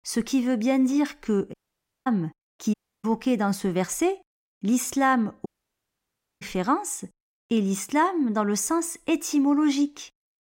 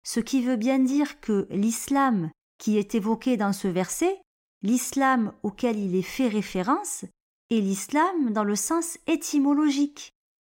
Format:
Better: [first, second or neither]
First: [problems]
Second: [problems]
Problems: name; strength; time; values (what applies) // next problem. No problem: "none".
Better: second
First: audio cutting out; at 1.5 s for 0.5 s, at 2.5 s and at 5.5 s for 1 s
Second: none